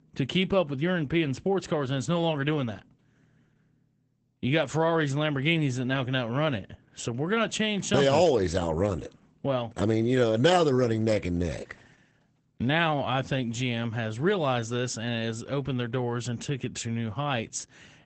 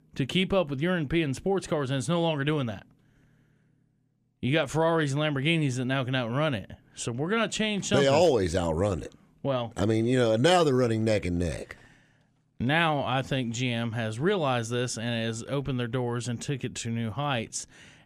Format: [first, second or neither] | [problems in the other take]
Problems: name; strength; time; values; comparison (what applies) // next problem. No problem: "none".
second | garbled, watery; badly; nothing above 8 kHz